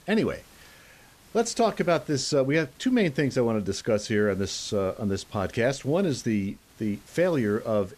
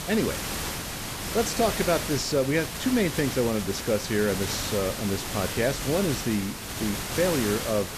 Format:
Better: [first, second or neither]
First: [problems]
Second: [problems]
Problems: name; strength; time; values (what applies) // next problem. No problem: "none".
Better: first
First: hiss; faint; throughout; 25 dB below the speech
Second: hiss; loud; throughout; 4 dB below the speech